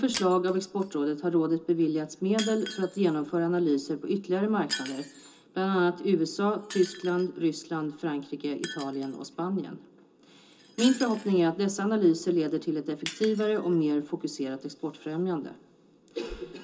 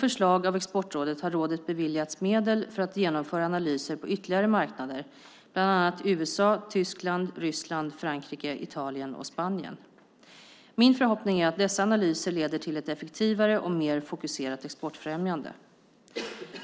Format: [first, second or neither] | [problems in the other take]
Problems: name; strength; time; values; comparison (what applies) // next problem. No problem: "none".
second | background sound (Shatter); 17 dB below the speech // room echo; dies away in 0.2 s